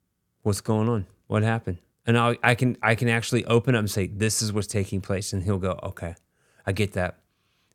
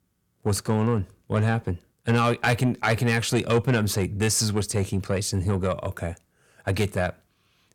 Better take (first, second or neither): first